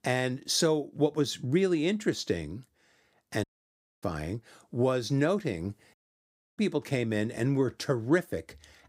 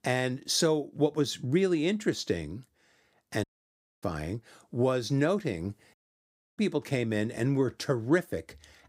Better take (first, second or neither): neither